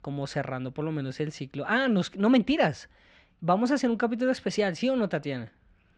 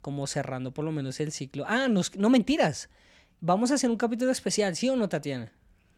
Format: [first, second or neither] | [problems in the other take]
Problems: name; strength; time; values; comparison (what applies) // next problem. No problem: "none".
second | muffled; slightly; fading above 3 kHz